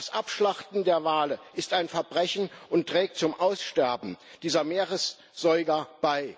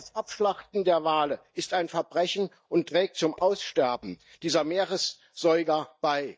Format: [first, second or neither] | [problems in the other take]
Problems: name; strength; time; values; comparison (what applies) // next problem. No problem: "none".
first | noise reduction (neural mask model DeepFilterNet 3)